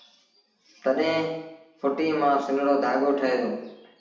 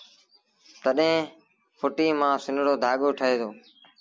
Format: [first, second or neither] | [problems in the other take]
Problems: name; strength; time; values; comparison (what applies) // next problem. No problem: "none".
second | room echo; dies away in 0.8 s